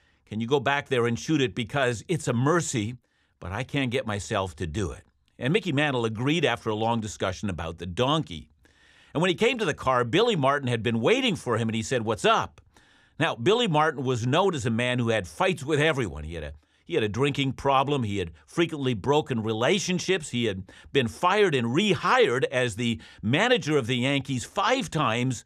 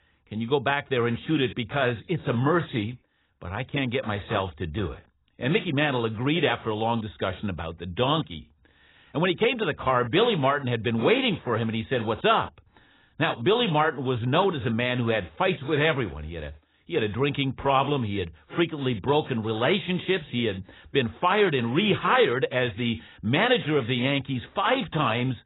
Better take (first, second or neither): first